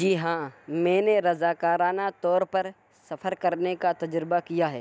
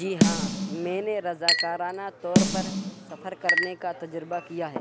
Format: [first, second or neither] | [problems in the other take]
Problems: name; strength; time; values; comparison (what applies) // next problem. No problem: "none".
first | background sound (Chink, clink + Snare drum); 4 dB above the speech